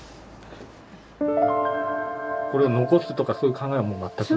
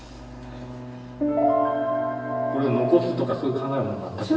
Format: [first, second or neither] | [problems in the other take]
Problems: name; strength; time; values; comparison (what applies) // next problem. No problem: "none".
first | background sound (Bowed string instrument); 12 dB below the speech // room echo; dies away in 1.2 s